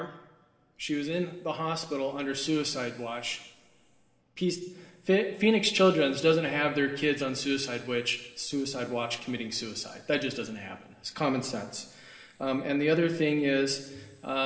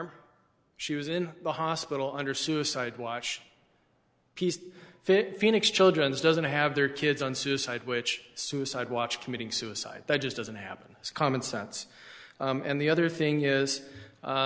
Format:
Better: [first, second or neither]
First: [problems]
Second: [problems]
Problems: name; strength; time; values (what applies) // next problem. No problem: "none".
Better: second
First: room echo; dies away in 1.8 s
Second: none